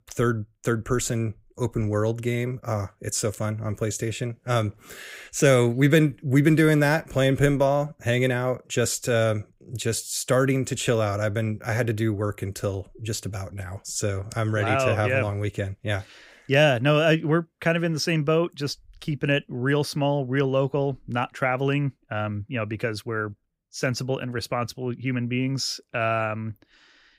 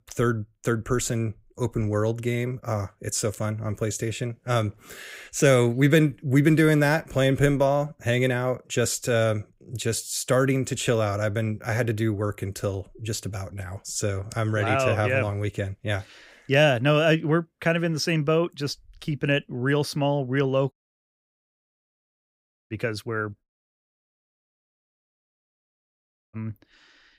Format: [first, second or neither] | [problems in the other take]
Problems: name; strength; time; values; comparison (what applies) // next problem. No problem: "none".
first | audio cutting out; at 21 s for 2 s and at 23 s for 3 s